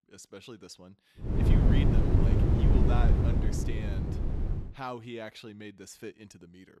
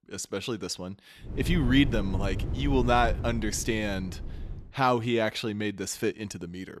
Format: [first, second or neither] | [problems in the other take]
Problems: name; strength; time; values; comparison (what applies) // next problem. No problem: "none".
second | wind noise on the microphone; heavy; from 1.5 to 4.5 s; 5 dB above the speech; occasional gusts in the second